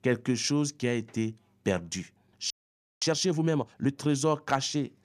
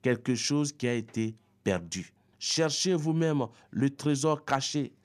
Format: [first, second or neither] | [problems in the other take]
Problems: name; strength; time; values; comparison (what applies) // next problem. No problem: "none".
second | audio freezing; at 2.5 s for 0.5 s